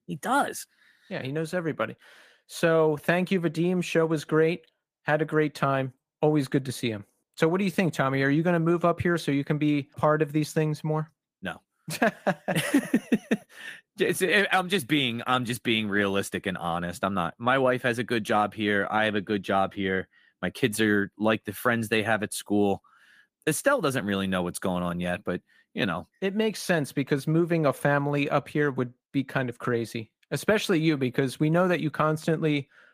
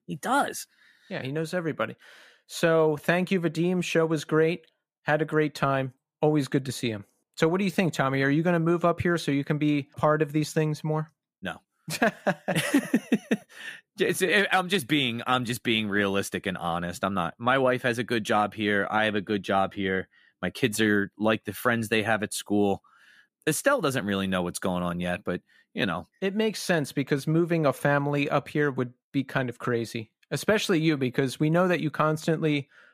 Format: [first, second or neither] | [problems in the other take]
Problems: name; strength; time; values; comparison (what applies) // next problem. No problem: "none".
second | garbled, watery; slightly; nothing above 15 kHz